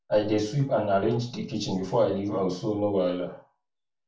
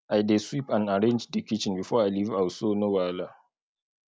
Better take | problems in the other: second | room echo; dies away in 0.4 s

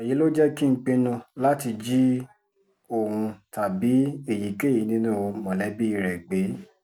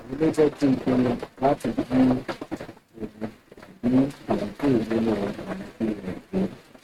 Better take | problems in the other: first | noise reduction (neural mask model RNNoise)

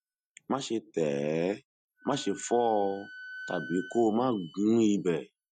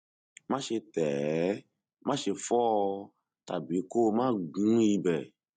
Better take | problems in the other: second | noise reduction (classical method Wiener filter)

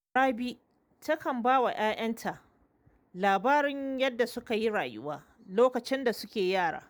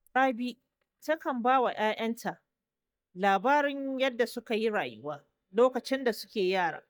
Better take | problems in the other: first | noise reduction (neural mask model DeepFilterNet 3)

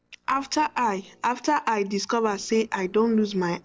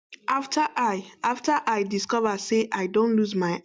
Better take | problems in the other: second | noise reduction (neural separator model SepFormer DNS4)

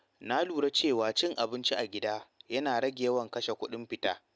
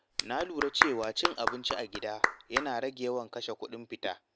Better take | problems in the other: first | background sound (Clapping); 1 dB above the speech

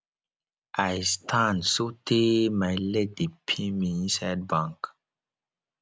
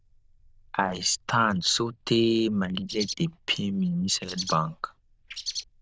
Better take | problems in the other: first | noise reduction (neural diffusion model UNIVERSE++)

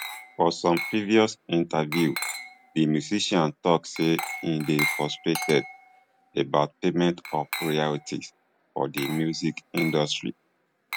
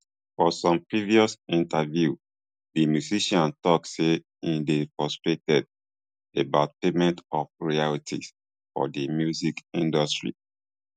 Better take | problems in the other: second | background sound (Glass); 11 dB below the speech

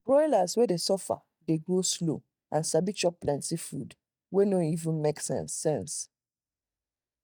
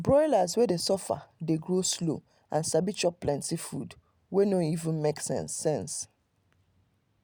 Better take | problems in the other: second | noise reduction (neural mask model DeepFilterNet 3)

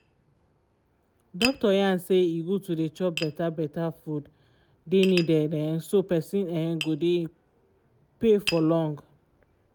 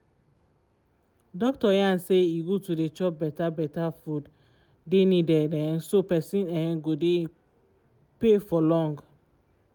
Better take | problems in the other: second | background sound (Tap); 14 dB below the speech

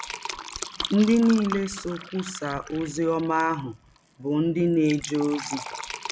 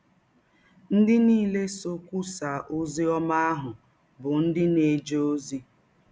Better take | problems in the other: second | background sound (Fill (with liquid)); 12 dB below the speech

